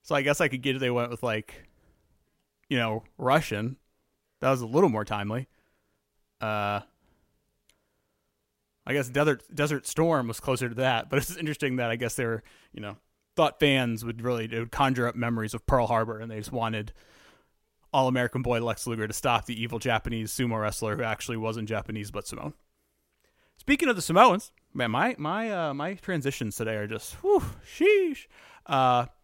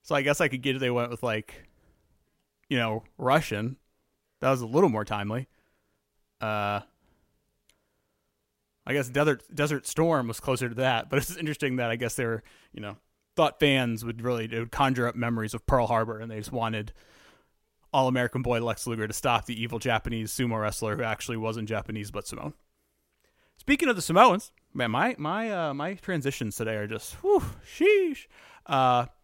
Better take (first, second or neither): neither